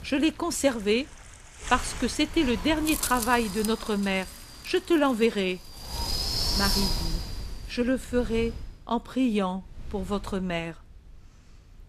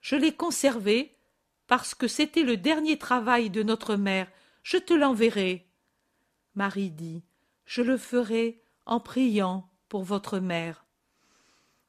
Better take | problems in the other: second | wind noise on the microphone; heavy; 5 dB below the speech

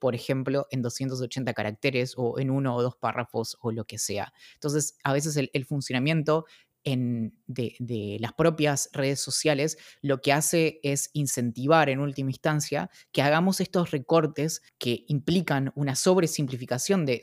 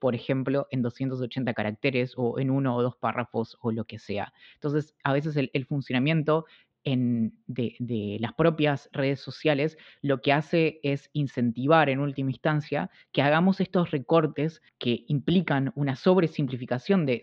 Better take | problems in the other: first | muffled; very; fading above 3.5 kHz

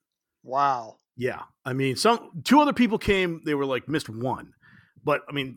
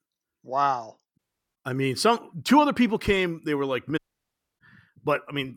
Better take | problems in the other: first | audio cutting out; at 1 s and at 4 s for 0.5 s

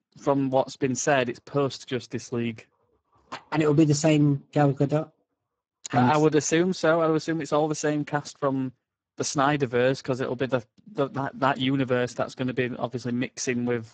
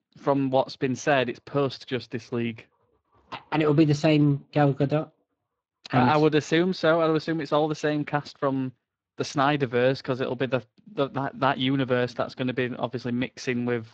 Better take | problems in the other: second | garbled, watery; badly; nothing above 7.5 kHz; slightly in the second

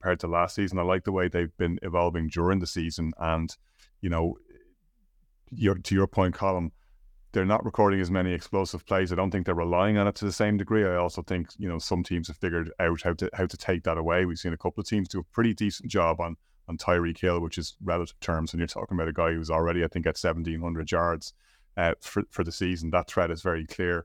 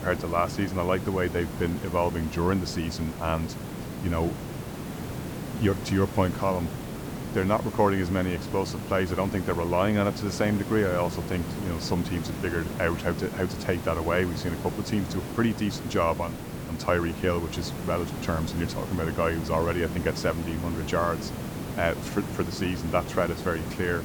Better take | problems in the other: first | hiss; loud; throughout; 7 dB below the speech

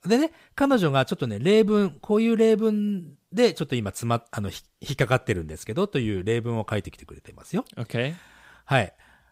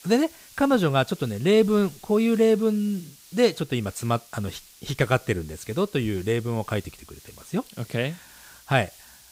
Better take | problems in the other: first | hiss; faint; throughout; 20 dB below the speech

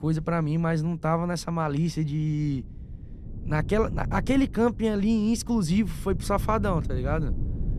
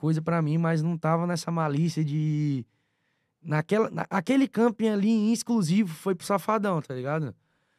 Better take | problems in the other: second | low rumble; noticeable; throughout; 20 dB below the speech

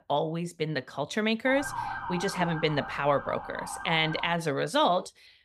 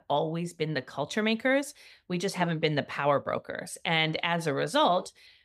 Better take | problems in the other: second | siren; noticeable; from 1.5 to 4.5 s; peak 6 dB below the speech

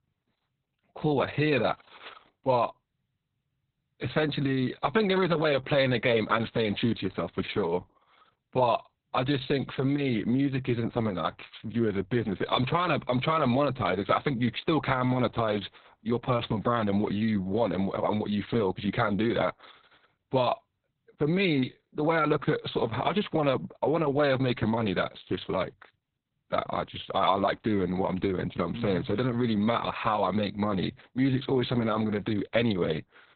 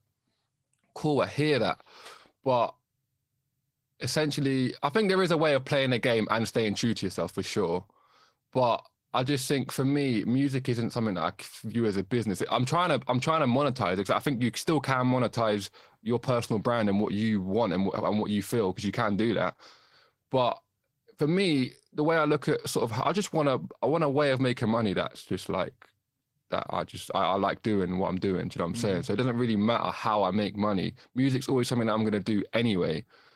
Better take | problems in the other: second | garbled, watery; badly; nothing above 4 kHz; slightly in the second

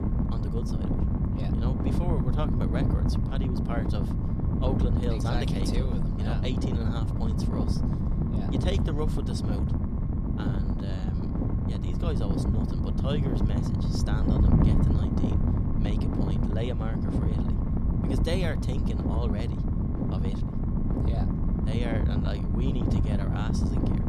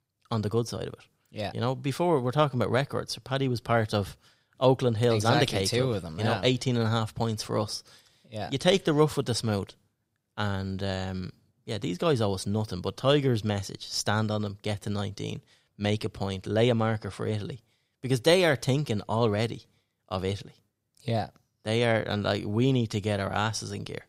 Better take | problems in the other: second | wind noise on the microphone; heavy; 2 dB above the speech

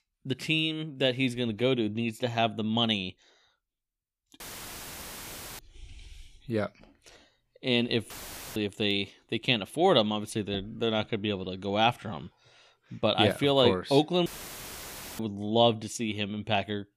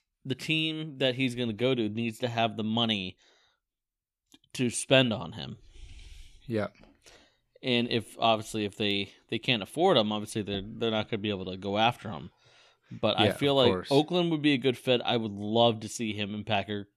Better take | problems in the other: second | audio cutting out; filled with static; at 4.5 s for 1 s, at 8 s and at 14 s for 1 s

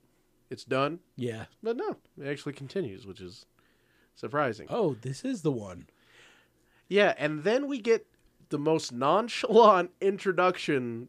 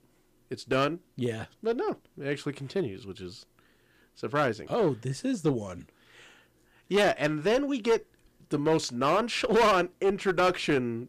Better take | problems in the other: first | distortion; heavy; 6% of the sound clipped

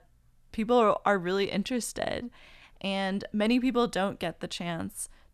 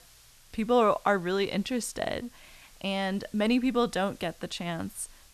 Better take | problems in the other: first | hiss; faint; throughout; 25 dB below the speech

